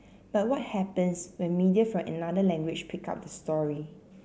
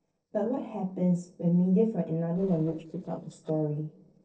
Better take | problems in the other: first | noise reduction (neural separator model SepFormer DNS4)

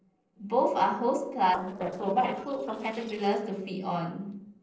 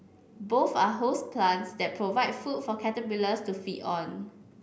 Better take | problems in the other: second | noise reduction (neural separator model SepFormer DNS4)

